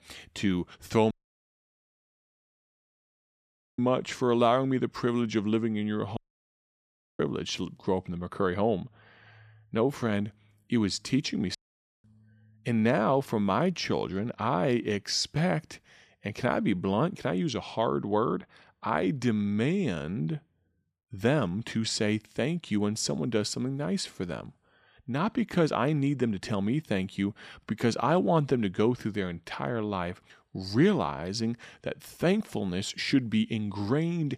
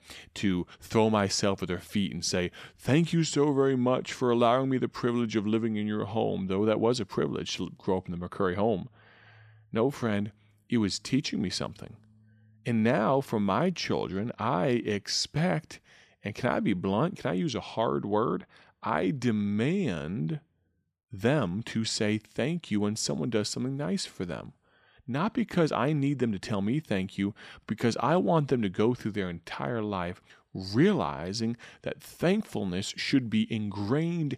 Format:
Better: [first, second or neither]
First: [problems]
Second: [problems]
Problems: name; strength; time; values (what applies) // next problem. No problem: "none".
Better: second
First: audio cutting out; at 1 s for 2.5 s, at 6 s for 1 s and at 12 s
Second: none